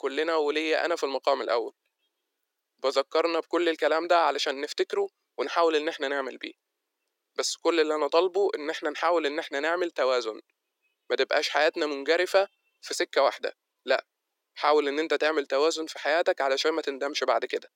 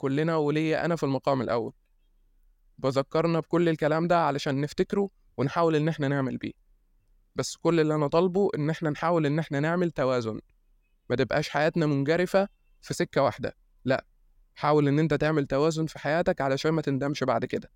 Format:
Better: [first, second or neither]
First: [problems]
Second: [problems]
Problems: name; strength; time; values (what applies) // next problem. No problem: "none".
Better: second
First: thin; very; fading below 350 Hz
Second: none